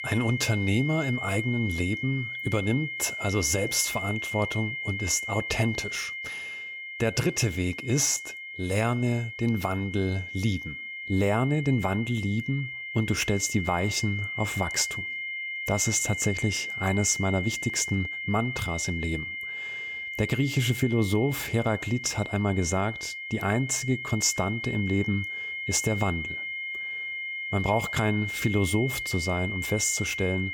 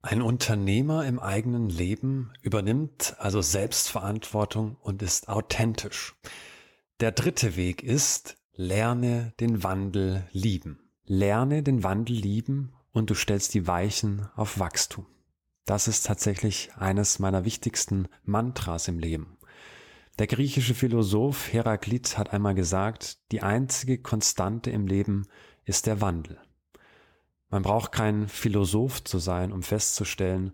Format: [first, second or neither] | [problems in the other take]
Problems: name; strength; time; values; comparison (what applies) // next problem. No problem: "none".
second | high-pitched whine; loud; throughout; 2 kHz, 5 dB below the speech